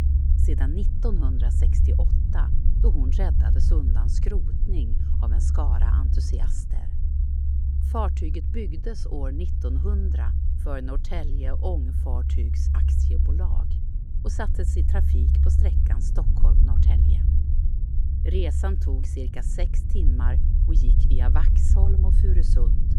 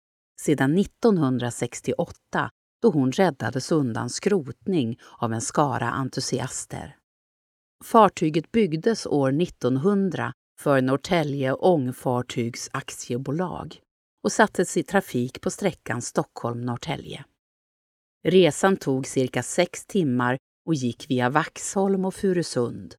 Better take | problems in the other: second | low rumble; loud; throughout; 3 dB below the speech

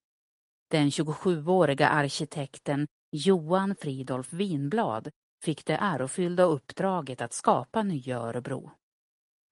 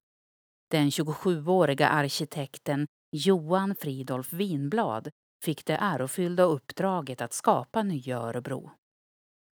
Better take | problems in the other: second | garbled, watery; slightly; nothing above 10.5 kHz

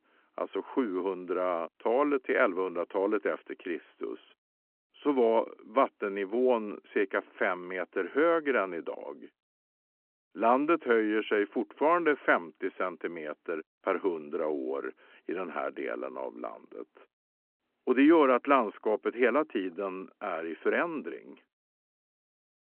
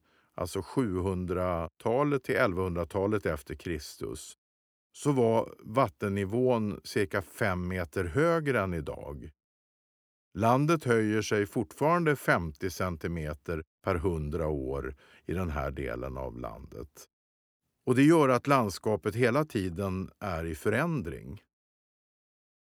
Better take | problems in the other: second | phone-call audio

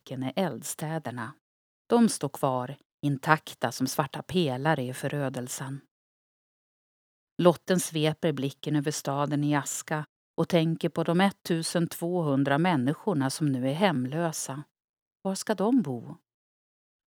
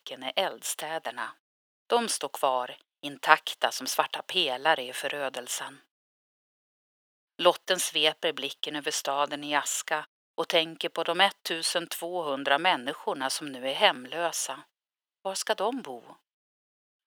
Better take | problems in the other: first | thin; very; fading below 650 Hz

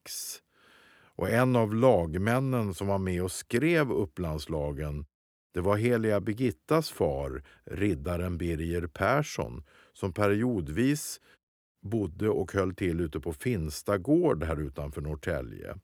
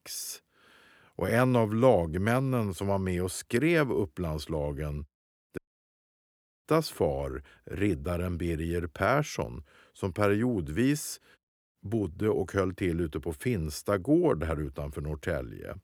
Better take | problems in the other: first | audio cutting out; at 5.5 s for 1 s

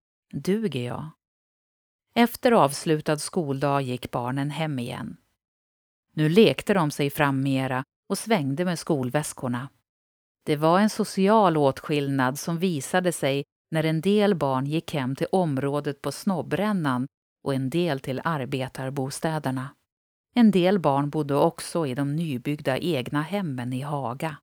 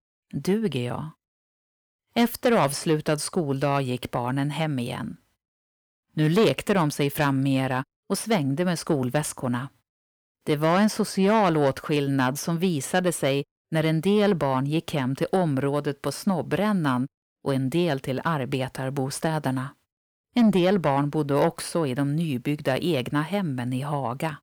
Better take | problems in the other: first | distortion; slight; 10 dB below the speech

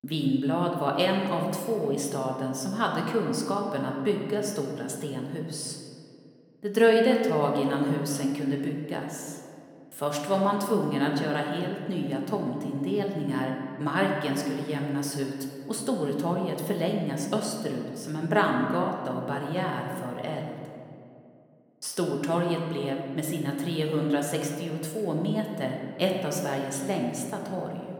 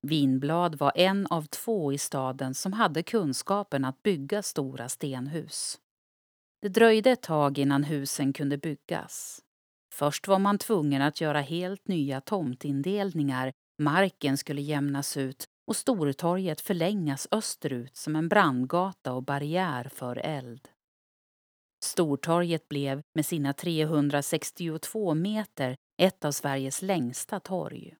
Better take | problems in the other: second | room echo; noticeable; dies away in 1.9 s

